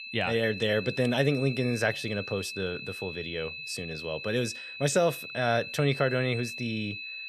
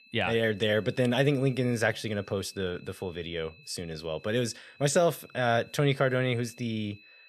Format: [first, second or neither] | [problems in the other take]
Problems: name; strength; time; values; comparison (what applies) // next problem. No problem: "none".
second | high-pitched whine; loud; throughout; 2.5 kHz, 8 dB below the speech; faint in the second